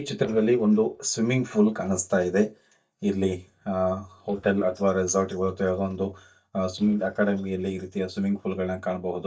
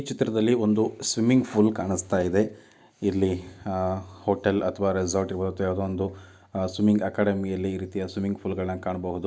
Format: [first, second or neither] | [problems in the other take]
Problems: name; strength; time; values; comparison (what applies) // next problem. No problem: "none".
second | noise reduction (neural mask model DeepFilterNet 3)